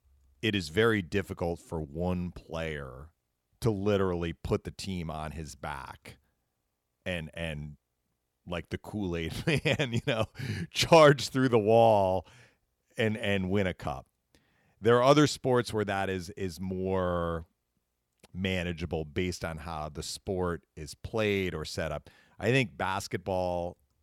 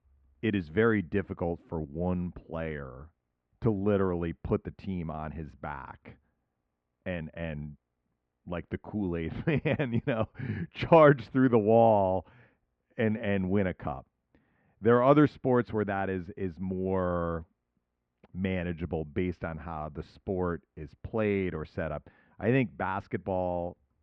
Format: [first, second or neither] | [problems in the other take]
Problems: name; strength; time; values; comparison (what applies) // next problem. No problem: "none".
first | muffled; very; fading above 2 kHz